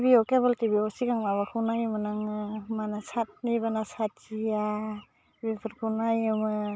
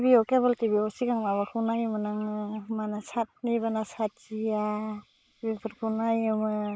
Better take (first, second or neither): first